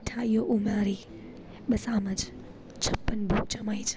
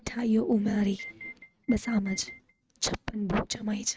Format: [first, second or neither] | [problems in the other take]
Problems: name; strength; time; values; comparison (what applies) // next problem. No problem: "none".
first | noise reduction (neural mask model RNNoise)